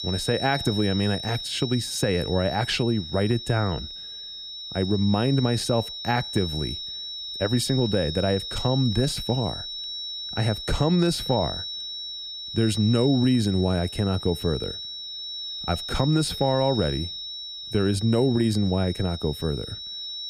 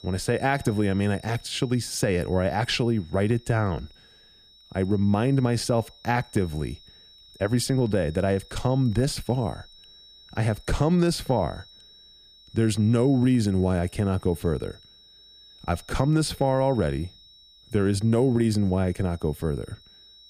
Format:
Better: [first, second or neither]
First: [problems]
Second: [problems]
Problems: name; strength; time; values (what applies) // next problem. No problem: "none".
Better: second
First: high-pitched whine; loud; throughout; 4 kHz, 7 dB below the speech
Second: high-pitched whine; faint; throughout; 4 kHz, 25 dB below the speech